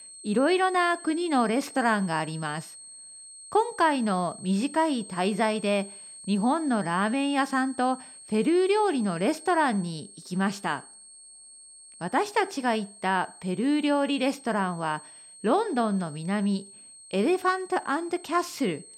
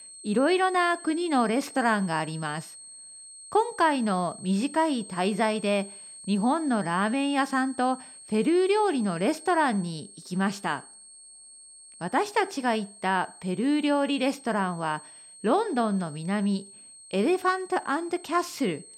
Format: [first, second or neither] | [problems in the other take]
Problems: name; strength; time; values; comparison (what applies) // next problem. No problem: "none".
neither | high-pitched whine; noticeable; throughout; 8.5 kHz, 15 dB below the speech; the same in both